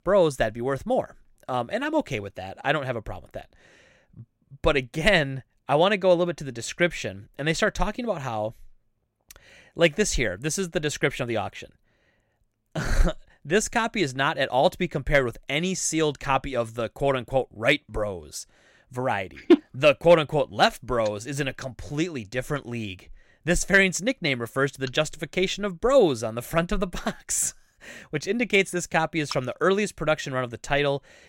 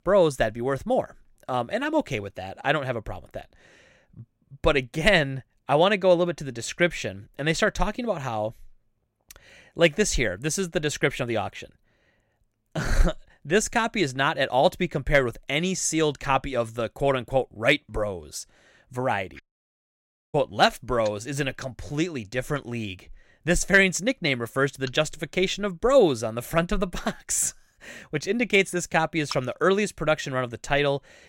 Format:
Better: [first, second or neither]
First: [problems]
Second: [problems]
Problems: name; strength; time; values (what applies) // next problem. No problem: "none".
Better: first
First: none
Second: audio cutting out; at 19 s for 1 s